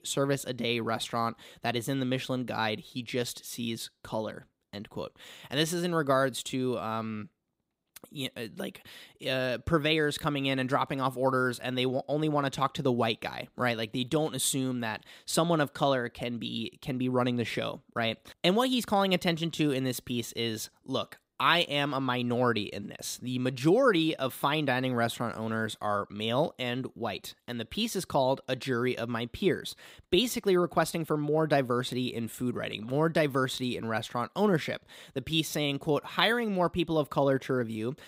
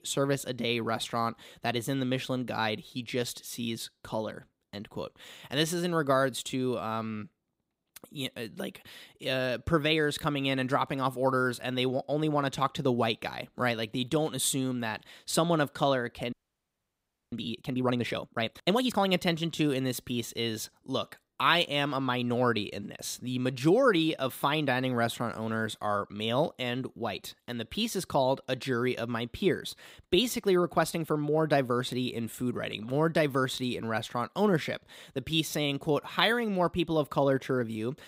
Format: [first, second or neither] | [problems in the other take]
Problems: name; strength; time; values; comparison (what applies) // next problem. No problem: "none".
first | audio freezing; at 16 s for 1 s